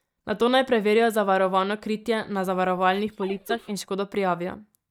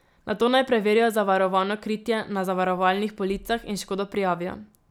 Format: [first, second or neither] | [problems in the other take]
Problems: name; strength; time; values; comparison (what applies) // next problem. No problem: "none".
second | noise reduction (neural mask model DeepFilterNet 3)